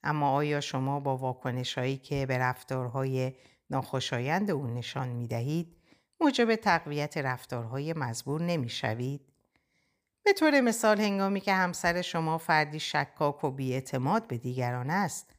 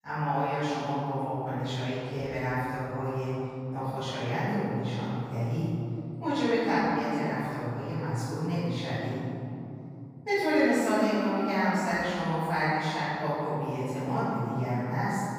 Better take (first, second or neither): first